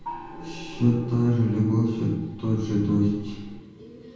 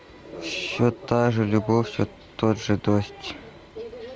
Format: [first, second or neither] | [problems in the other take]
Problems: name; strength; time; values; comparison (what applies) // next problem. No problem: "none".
second | background sound (Gong); 17 dB below the speech // room echo; dies away in 1.1 s